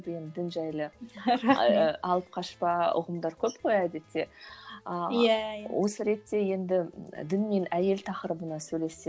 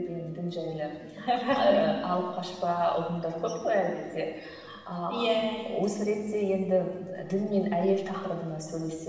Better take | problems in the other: first | room echo; dies away in 1.7 s

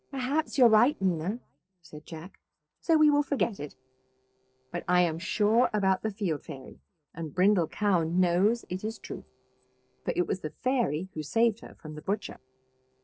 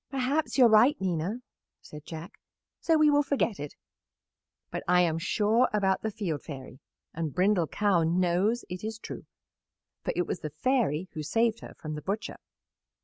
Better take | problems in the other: second | noise reduction (neural separator model SepFormer DNS4)

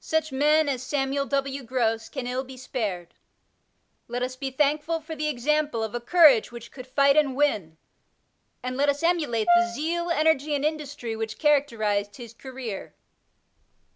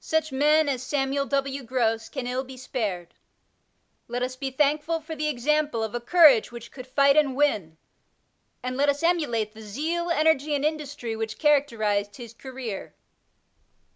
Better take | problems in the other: second | background sound (Brass instrument); 2 dB below the speech

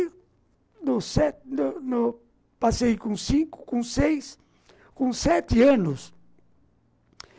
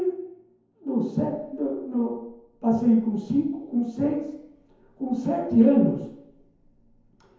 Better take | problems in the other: first | room echo; dies away in 0.9 s

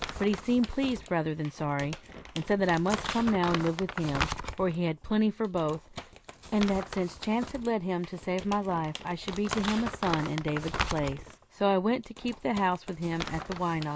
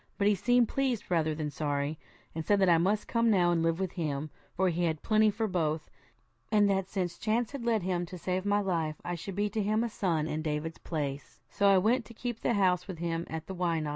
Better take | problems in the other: second | background sound (Crumpling, crinkling); 9 dB below the speech

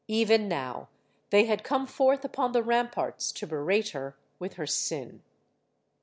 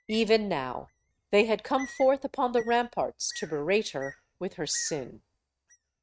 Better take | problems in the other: first | noise reduction (neural mask model RNNoise)

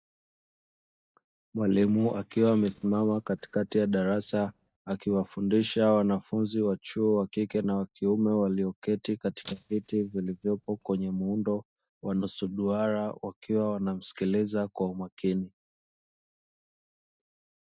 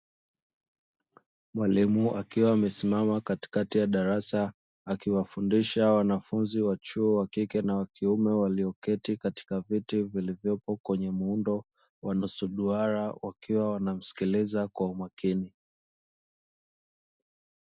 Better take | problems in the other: second | noise reduction (neural mask model DeepFilterNet 3)

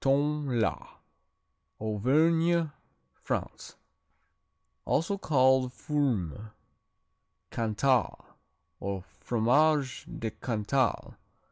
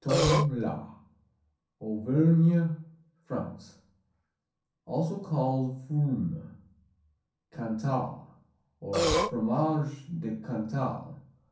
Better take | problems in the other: first | background sound (Burping, eructation); 4 dB above the speech // room echo; dies away in 0.6 s

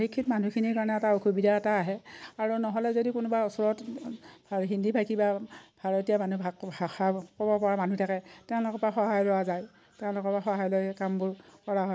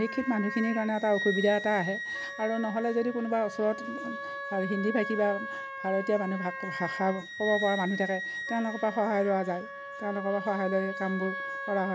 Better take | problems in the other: first | background sound (Wind instrument, woodwind instrument + Wind instrument, woodwind instrument); 7 dB below the speech

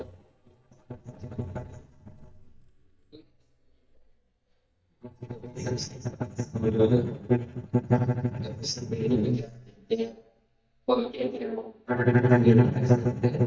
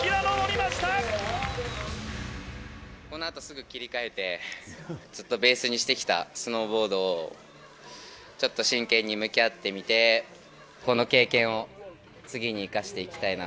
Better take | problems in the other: second | noise reduction (neural mask model DeepFilterNet 3)

